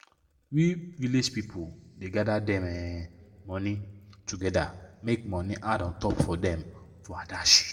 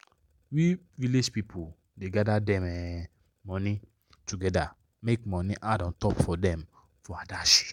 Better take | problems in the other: second | room echo; dies away in 0.8 s

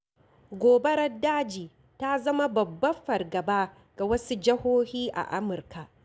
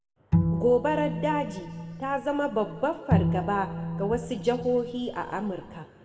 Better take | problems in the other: first | background sound (Bowed string instrument); 2 dB below the speech // room echo; dies away in 2.2 s

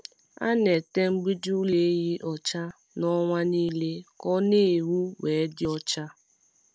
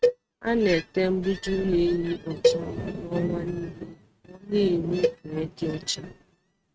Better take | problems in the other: first | noise reduction (neural mask model RNNoise)

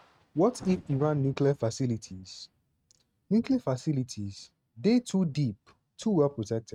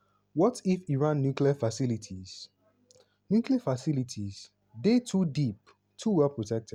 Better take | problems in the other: second | noise reduction (neural mask model RNNoise)

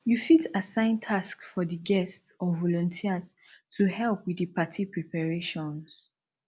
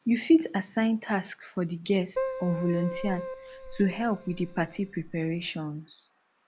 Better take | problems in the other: first | background sound (Cricket + Keyboard (musical)); 11 dB below the speech

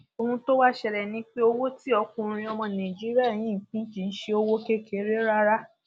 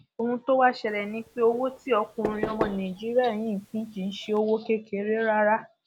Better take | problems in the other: first | background sound (Knock / Wood); 11 dB below the speech

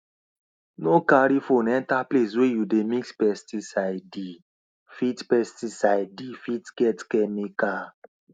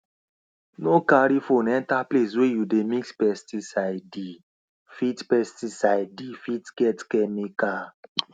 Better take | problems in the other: second | noise reduction (neural mask model Resemble Enhance denoiser)

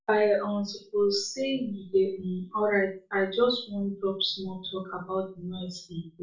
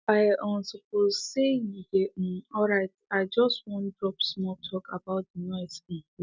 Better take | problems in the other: second | room echo; dies away in 0.3 s

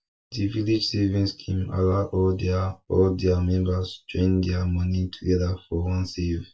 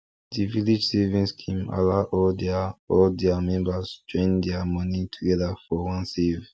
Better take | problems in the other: second | room echo; dies away in 0.2 s

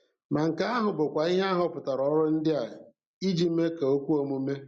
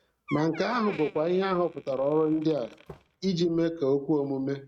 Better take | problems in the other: first | noise reduction (neural mask model RNNoise)

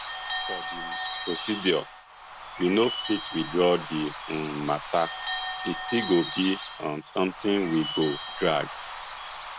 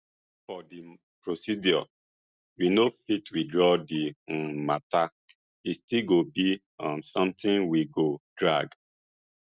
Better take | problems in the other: second | background sound (Bird / Bell); 7 dB below the speech

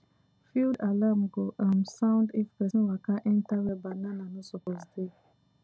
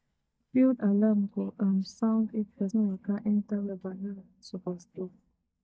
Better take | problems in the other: first | noise reduction (neural mask model DeepFilterNet 3)

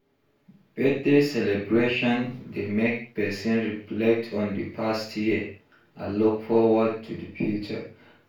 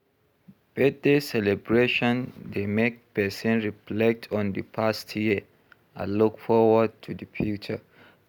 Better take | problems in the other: second | room echo; dies away in 0.4 s

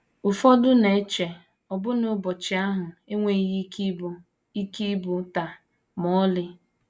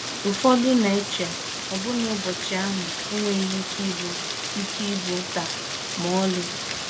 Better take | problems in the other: first | background sound (Rain); 4 dB below the speech

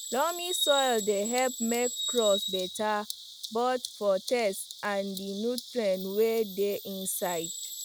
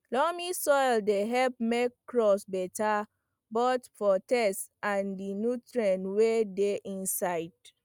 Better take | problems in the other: second | background sound (Bird vocalization, bird call, bird song); 8 dB below the speech

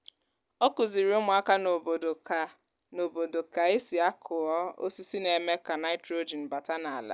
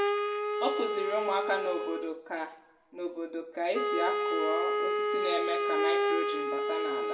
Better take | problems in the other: first | background sound (Wind instrument, woodwind instrument); 4 dB above the speech // room echo; dies away in 0.6 s

